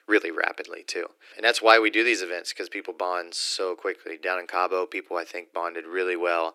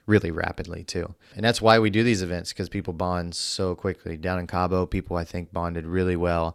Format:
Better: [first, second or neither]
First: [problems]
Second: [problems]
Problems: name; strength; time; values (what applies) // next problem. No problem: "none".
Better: second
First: thin; very; fading below 300 Hz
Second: none